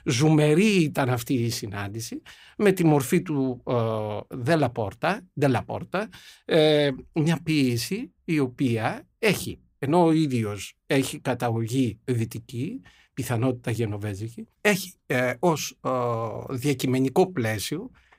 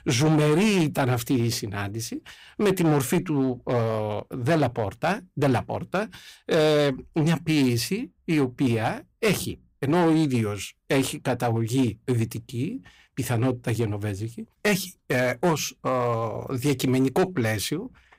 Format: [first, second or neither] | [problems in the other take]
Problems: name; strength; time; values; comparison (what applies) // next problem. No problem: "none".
first | distortion; slight; 7% of the sound clipped